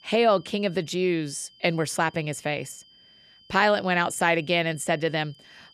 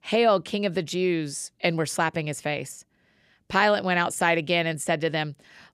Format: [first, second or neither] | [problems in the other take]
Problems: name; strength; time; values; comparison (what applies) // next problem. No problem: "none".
second | high-pitched whine; faint; throughout; 3 kHz, 25 dB below the speech